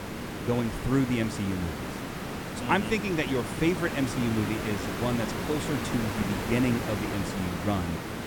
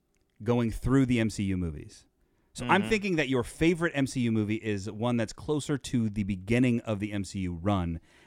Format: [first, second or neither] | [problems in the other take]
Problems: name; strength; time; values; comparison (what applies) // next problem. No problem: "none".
second | hiss; loud; throughout; 4 dB below the speech